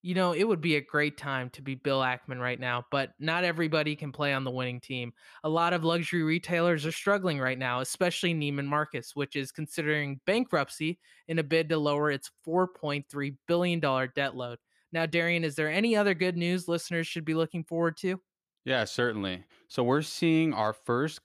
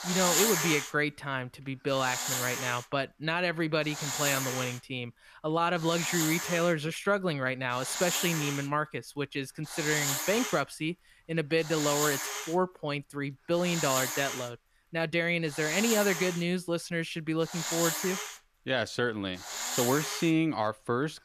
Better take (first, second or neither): first